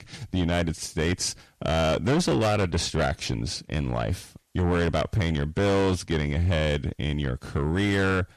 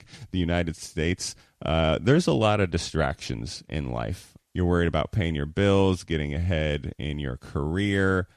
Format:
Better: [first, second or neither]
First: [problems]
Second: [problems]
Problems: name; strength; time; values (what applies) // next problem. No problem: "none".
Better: second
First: distortion; heavy; 7 dB below the speech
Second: none